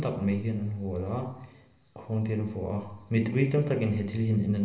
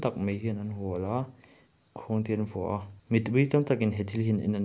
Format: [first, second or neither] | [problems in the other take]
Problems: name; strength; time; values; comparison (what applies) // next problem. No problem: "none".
second | room echo; dies away in 0.9 s